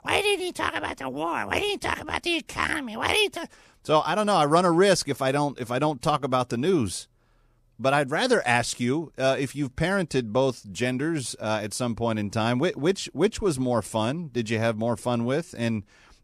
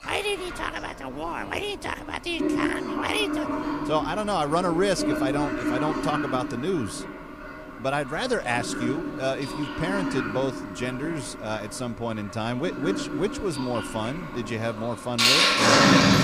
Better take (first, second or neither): first